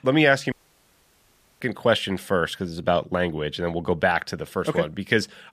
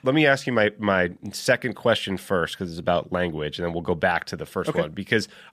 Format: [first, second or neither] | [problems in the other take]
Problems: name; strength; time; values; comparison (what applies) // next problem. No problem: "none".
second | audio cutting out; at 0.5 s for 1 s